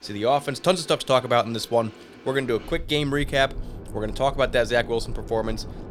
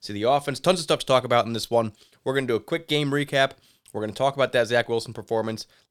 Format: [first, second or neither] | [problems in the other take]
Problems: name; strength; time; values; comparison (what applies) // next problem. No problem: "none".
second | train or aircraft noise; noticeable; throughout; 15 dB below the speech